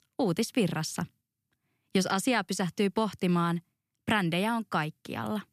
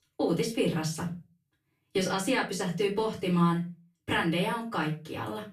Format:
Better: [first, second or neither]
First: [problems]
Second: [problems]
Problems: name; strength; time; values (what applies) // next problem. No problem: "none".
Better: first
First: none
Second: off-mic speech; far // room echo; slight; dies away in 0.3 s